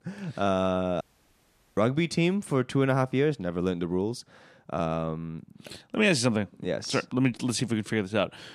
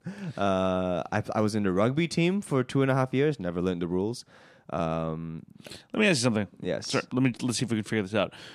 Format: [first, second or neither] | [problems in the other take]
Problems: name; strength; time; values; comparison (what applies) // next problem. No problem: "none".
second | audio cutting out; at 1 s for 1 s